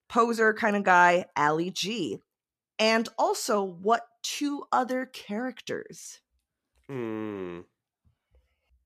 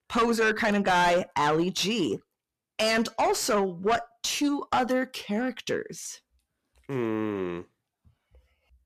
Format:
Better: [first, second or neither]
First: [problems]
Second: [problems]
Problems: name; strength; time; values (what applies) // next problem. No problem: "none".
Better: first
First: none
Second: distortion; heavy; 5 dB below the speech